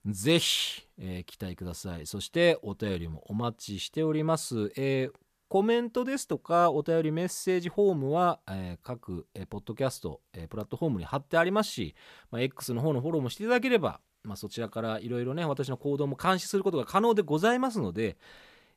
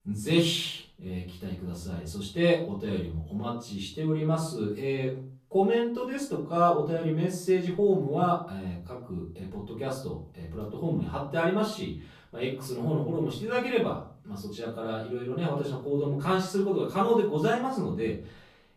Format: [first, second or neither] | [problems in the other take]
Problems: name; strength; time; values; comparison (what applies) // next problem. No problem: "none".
first | off-mic speech; far // room echo; slight; dies away in 0.4 s